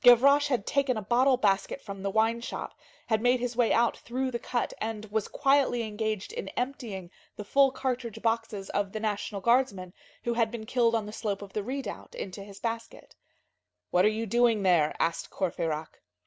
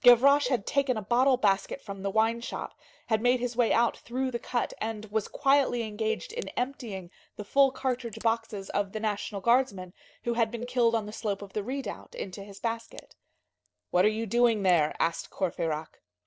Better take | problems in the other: first | noise reduction (neural separator model SepFormer DNS4)

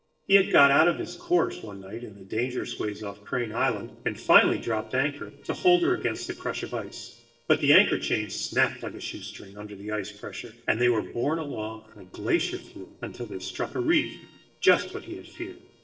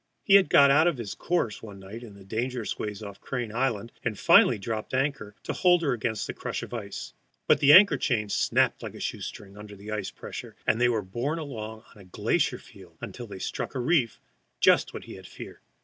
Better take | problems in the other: second | noise reduction (neural separator model SepFormer DNS4)

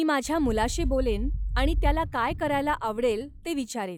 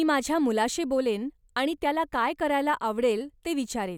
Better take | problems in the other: second | noise reduction (classical method log-MMSE)

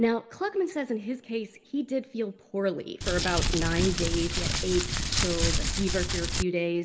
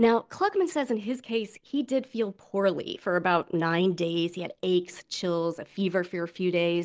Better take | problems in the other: second | background sound (Crumpling, crinkling); 2 dB above the speech // room echo; dies away in 1.3 s

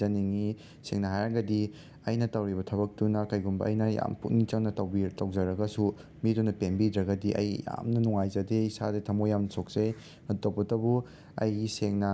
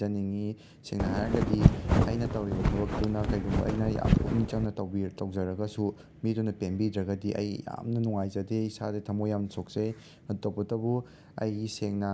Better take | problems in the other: first | background sound (Wind); 4 dB above the speech

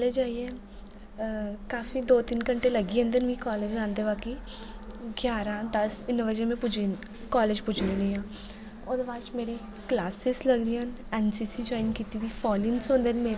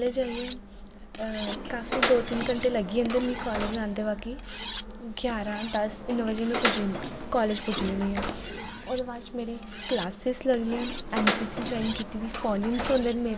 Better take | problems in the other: first | background sound (Door + Cutlery, silverware); 6 dB below the speech

